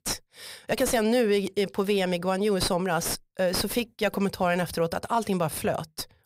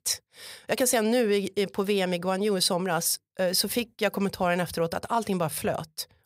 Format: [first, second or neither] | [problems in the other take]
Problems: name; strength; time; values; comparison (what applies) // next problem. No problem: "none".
second | distortion; slight; 9 dB below the speech